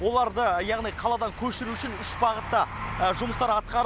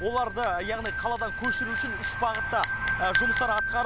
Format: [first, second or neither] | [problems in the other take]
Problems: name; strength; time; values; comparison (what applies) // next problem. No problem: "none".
first | background sound (Bell); 1 dB below the speech